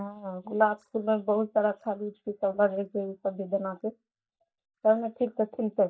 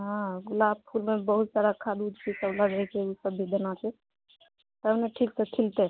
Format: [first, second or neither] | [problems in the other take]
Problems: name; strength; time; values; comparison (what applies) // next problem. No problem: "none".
second | noise reduction (neural mask model DeepFilterNet 3)